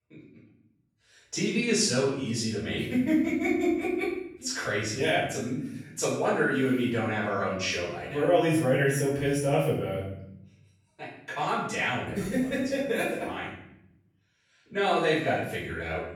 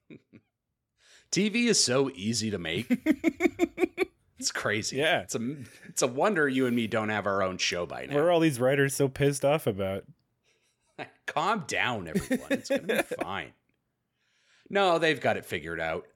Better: second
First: off-mic speech; far // room echo; noticeable; dies away in 0.8 s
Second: none

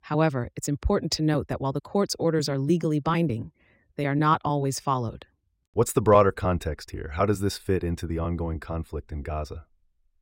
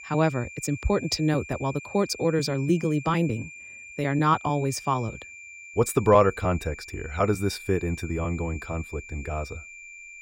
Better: first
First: none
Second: high-pitched whine; noticeable; throughout; 2.5 kHz, 15 dB below the speech

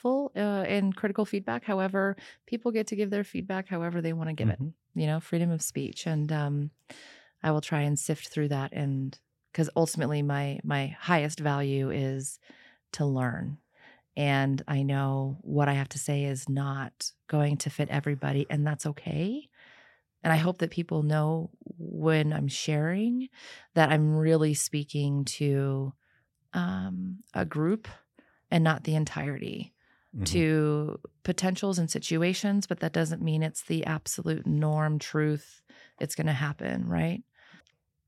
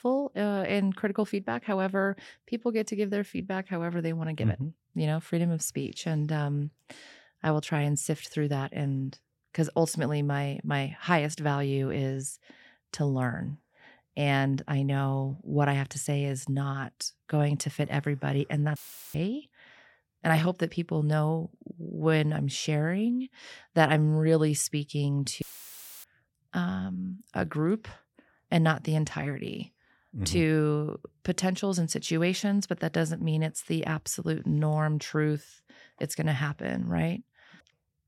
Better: first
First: none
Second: audio cutting out; filled with static; at 19 s and at 25 s for 0.5 s

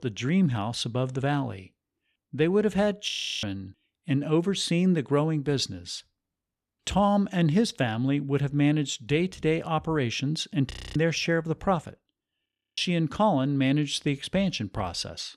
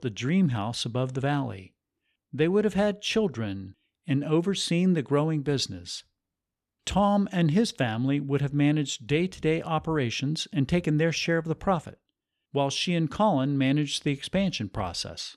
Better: second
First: audio freezing; at 3 s, at 11 s and at 12 s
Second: none

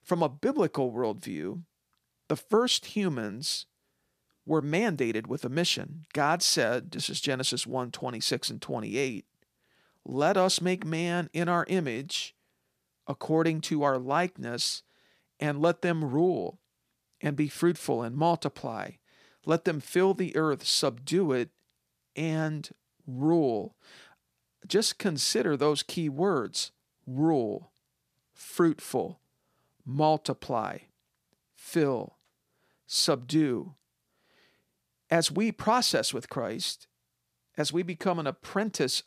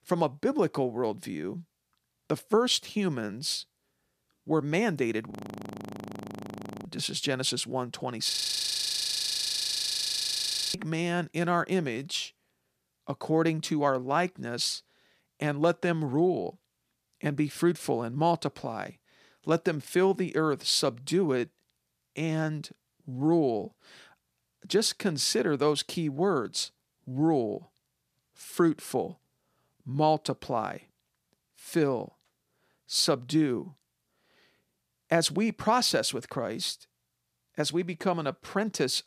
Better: first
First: none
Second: audio freezing; at 5.5 s for 1.5 s and at 8.5 s for 2.5 s

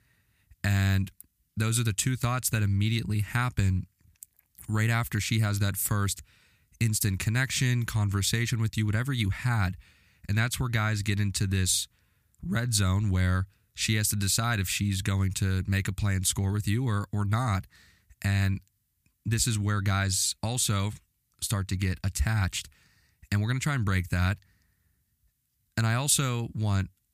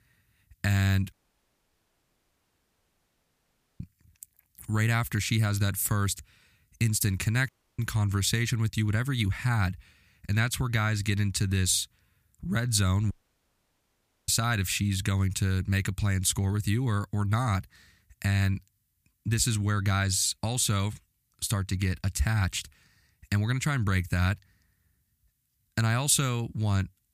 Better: first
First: none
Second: audio cutting out; at 1 s for 2.5 s, at 7.5 s and at 13 s for 1 s

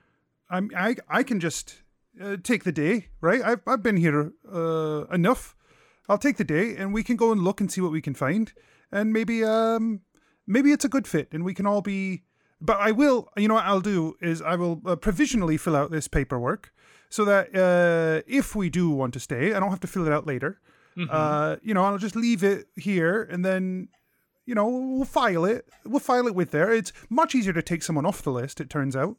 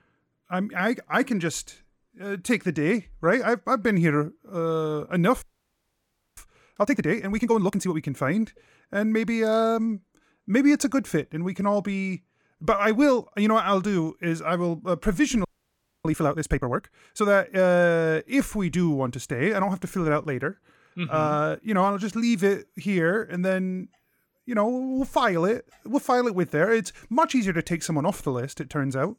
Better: first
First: none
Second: audio freezing; at 5.5 s for 1 s and at 15 s for 0.5 s

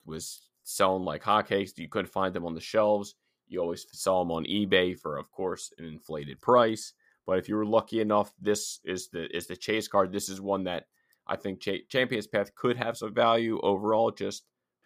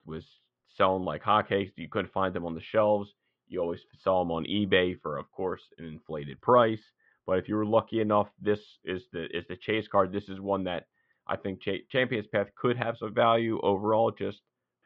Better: first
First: none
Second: muffled; very; fading above 3 kHz

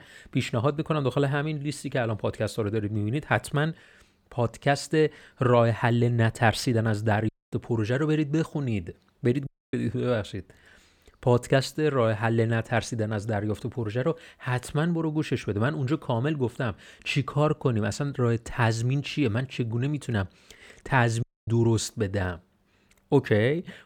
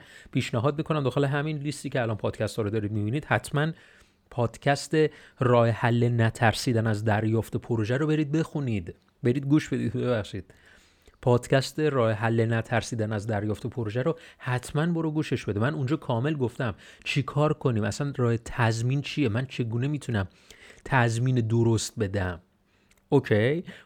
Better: second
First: audio cutting out; at 7.5 s, at 9.5 s and at 21 s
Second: none

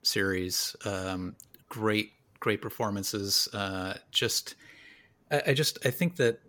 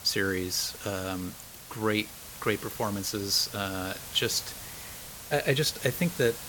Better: first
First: none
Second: hiss; noticeable; throughout; 10 dB below the speech

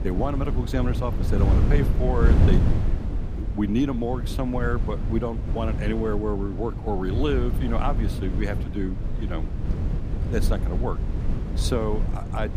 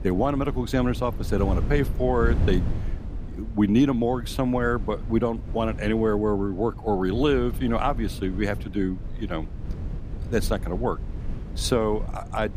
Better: second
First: wind noise on the microphone; heavy; 7 dB below the speech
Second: wind noise on the microphone; occasional gusts; 15 dB below the speech

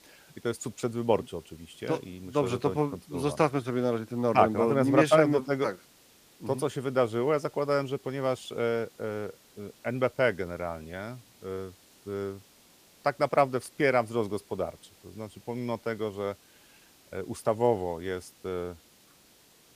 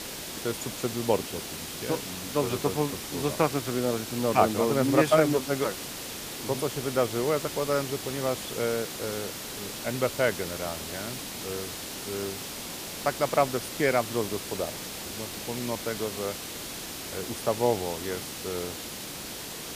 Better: first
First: hiss; faint; throughout; 25 dB below the speech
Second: hiss; loud; throughout; 6 dB below the speech

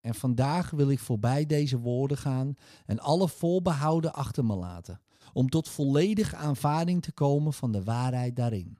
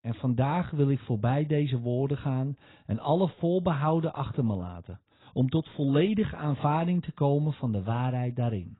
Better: first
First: none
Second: garbled, watery; badly; nothing above 4 kHz

